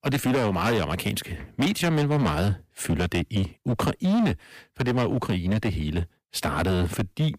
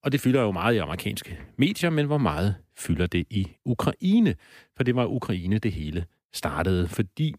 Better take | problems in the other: second | distortion; heavy; 15% of the sound clipped

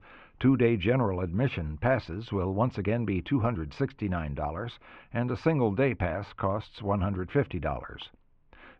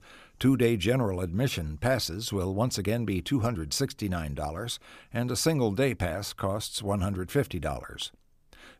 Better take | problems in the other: second | muffled; very; fading above 2.5 kHz

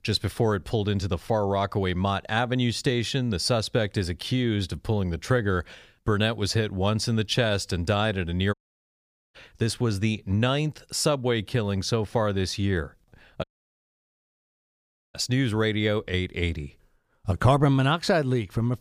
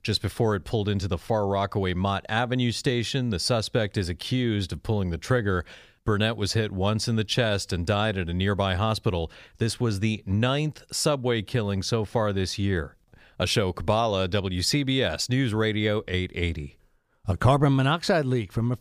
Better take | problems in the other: second | audio cutting out; at 8.5 s for 1 s and at 13 s for 1.5 s

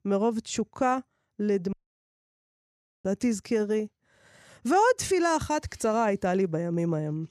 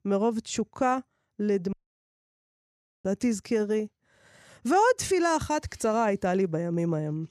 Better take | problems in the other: neither | audio cutting out; at 1.5 s for 1.5 s; the same in both

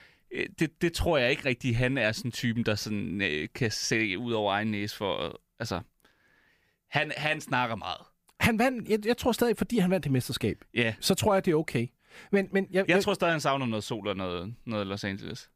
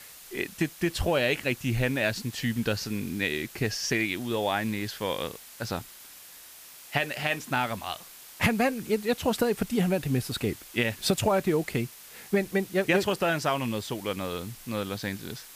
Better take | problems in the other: first | hiss; noticeable; throughout; 15 dB below the speech

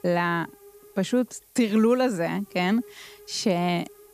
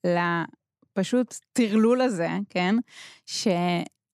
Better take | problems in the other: second | hiss; faint; throughout; 25 dB below the speech

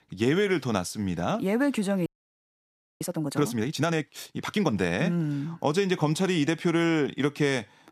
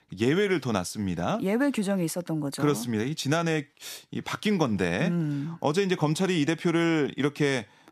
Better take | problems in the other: second | audio freezing; at 2 s for 1 s

